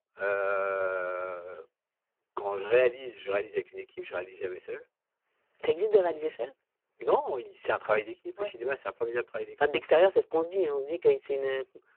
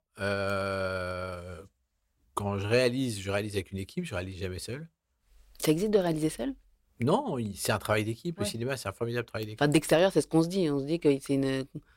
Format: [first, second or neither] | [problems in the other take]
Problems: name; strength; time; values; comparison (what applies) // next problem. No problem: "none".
second | phone-call audio; poor line